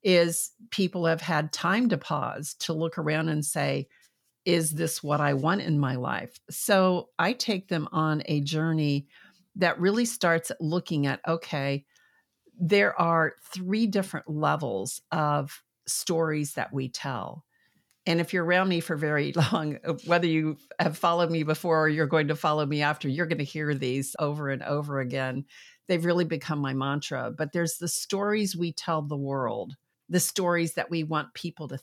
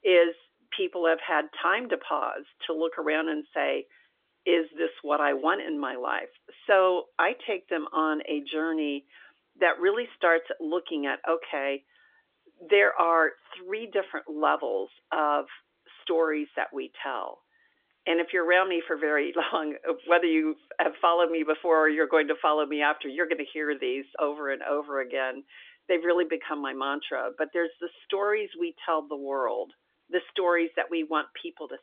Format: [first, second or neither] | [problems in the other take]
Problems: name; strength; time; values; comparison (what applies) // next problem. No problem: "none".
first | phone-call audio; nothing above 3.5 kHz